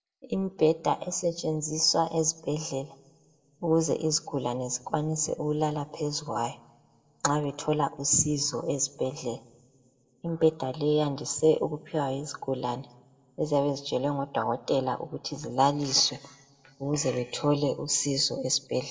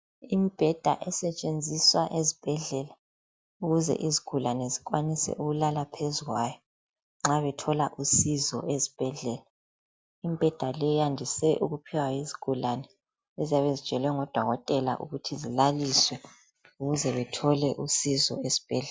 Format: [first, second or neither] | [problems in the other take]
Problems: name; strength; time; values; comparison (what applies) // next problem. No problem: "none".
second | room echo; dies away in 0.5 s